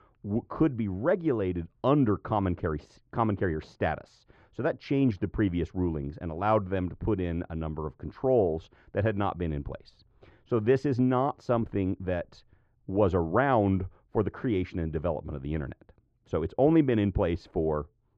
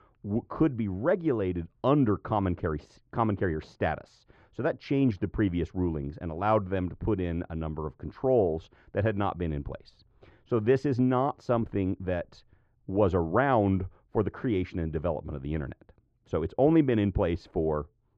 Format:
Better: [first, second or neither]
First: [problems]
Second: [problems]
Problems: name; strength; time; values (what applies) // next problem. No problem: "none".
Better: neither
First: muffled; very; fading above 1 kHz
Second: muffled; very; fading above 1 kHz